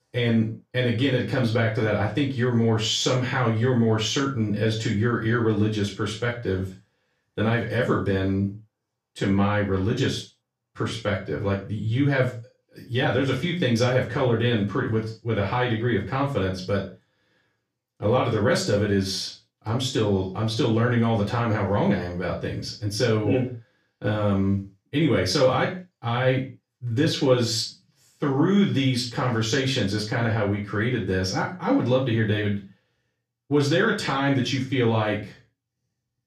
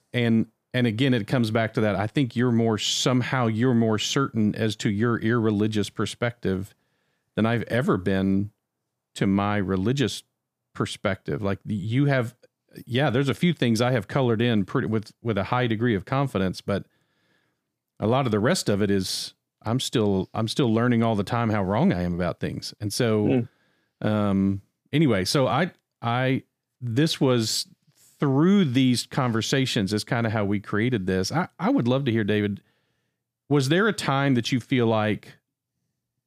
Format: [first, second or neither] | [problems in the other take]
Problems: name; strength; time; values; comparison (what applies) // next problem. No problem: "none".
second | room echo; noticeable; dies away in 0.3 s // off-mic speech; far